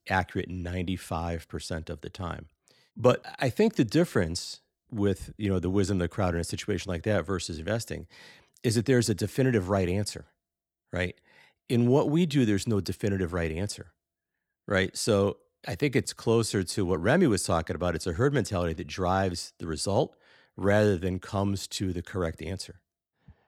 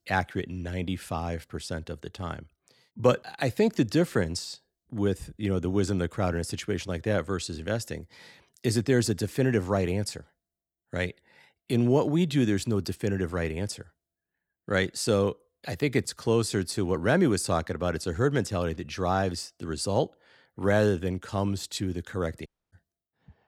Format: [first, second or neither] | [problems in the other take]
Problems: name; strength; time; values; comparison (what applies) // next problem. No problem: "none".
first | audio cutting out; at 22 s